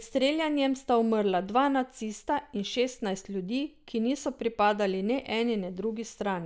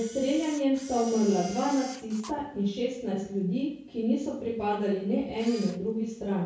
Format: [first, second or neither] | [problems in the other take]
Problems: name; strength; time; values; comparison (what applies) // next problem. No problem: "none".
first | background sound (Camera); 20 dB below the speech // room echo; dies away in 0.5 s